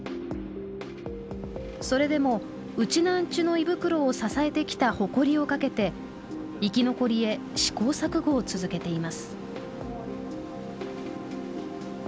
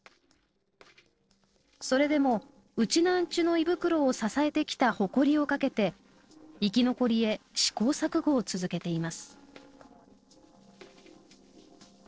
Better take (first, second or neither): first